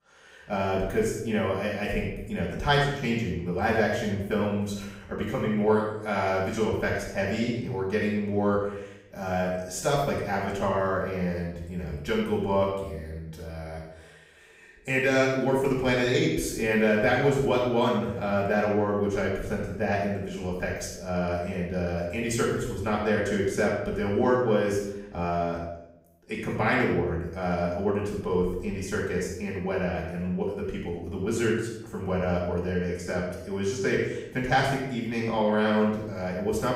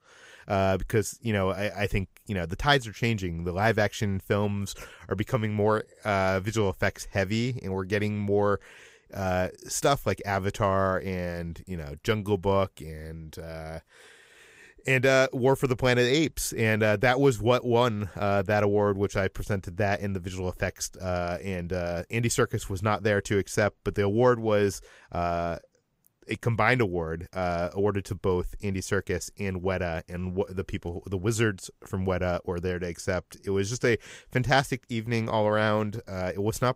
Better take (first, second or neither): second